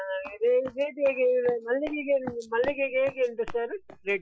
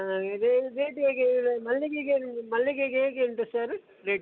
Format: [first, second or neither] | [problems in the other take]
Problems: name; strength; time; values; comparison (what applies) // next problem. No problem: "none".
second | noise reduction (classical method Wiener filter)